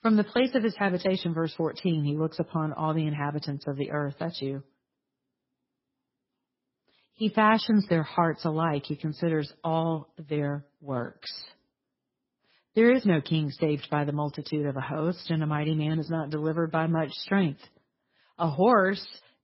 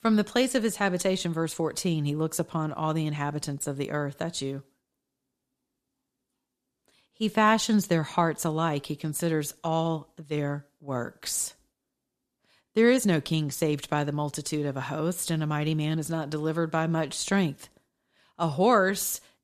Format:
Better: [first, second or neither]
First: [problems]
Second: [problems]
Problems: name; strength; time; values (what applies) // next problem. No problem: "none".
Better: second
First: garbled, watery; badly; nothing above 5.5 kHz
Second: none